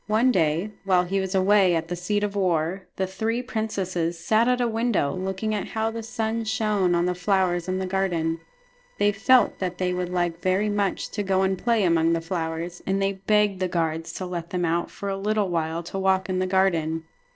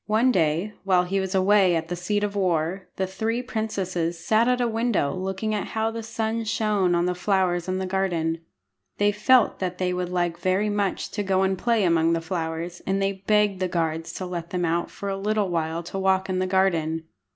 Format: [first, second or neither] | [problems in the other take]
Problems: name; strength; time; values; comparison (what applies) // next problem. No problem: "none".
second | noise reduction (neural separator model SepFormer DNS4)